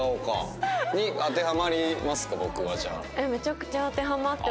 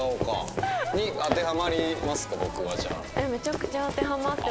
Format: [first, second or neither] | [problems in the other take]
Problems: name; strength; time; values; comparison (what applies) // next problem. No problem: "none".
first | background sound (Run); 6 dB below the speech